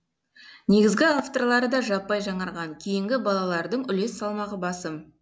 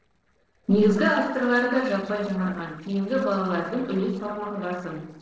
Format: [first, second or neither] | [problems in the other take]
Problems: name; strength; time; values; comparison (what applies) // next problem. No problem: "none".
first | noise reduction (neural separator model SepFormer DNS4)